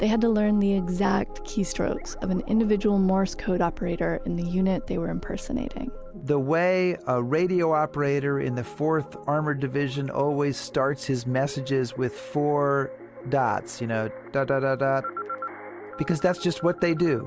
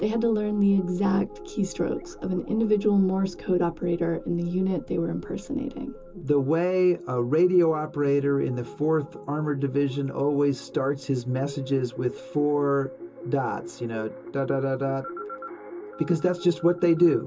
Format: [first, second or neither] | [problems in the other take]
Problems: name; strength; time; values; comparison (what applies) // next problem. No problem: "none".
first | room echo; dies away in 0.2 s